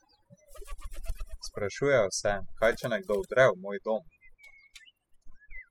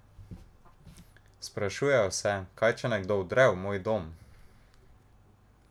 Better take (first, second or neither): second